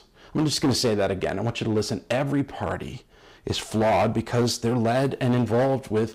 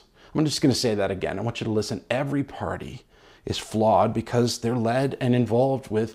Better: second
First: distortion; slight; 8% of the sound clipped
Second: none

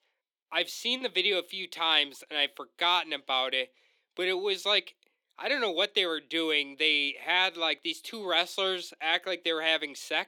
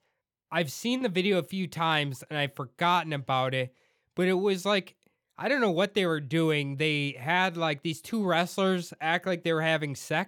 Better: second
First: thin; somewhat; fading below 300 Hz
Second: none

